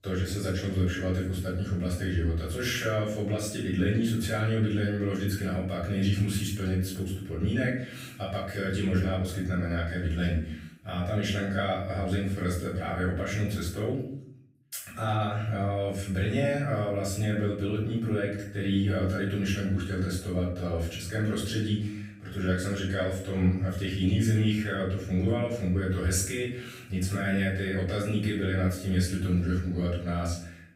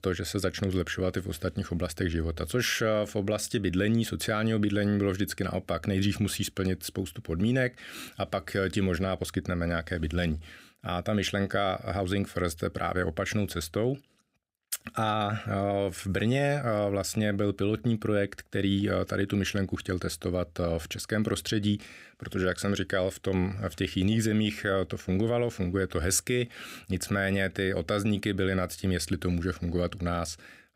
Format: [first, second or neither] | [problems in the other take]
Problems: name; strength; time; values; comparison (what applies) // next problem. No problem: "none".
second | off-mic speech; far // room echo; noticeable; dies away in 0.6 s